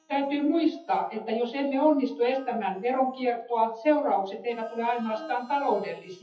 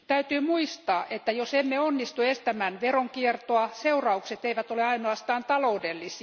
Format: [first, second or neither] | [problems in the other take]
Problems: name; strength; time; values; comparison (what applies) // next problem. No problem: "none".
second | noise reduction (classical method WPE with log-MMSE)